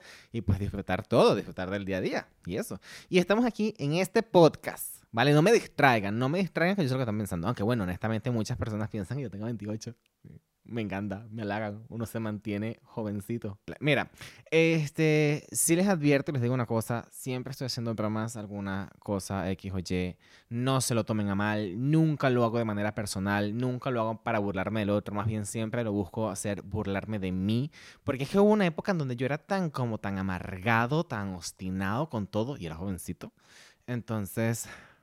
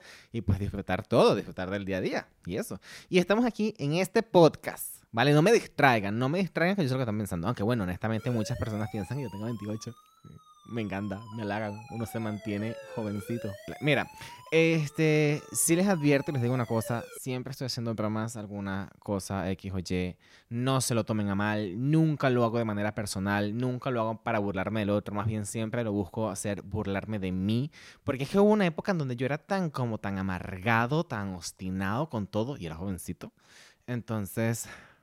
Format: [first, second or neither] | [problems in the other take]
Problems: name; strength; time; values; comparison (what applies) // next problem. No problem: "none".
first | siren; faint; from 8 to 17 s; peak 15 dB below the speech